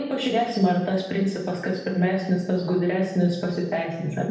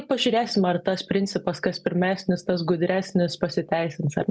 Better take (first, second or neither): second